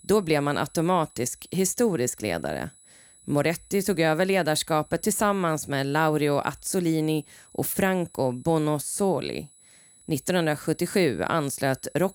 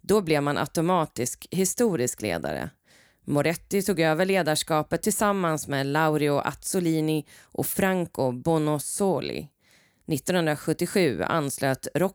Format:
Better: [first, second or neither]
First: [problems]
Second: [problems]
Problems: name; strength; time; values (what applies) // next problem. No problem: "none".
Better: second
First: high-pitched whine; faint; throughout; 10 kHz, 25 dB below the speech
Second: none